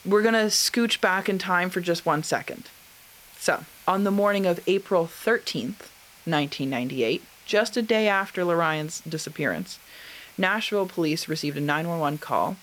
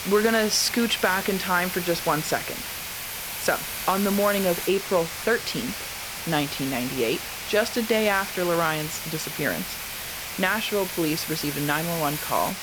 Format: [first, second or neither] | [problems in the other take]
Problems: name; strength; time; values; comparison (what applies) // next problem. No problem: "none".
first | hiss; loud; throughout; 5 dB below the speech; faint in the first